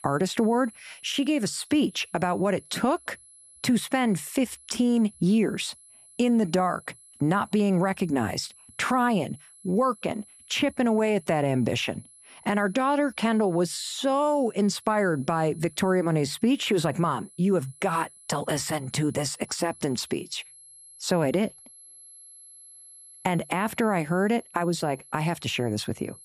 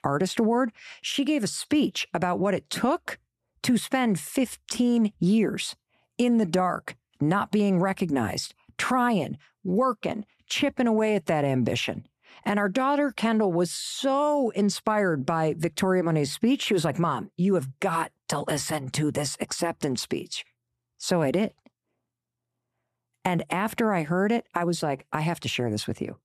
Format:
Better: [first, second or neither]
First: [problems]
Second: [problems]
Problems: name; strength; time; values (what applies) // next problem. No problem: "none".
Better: second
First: high-pitched whine; faint; throughout; 11 kHz, 25 dB below the speech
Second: none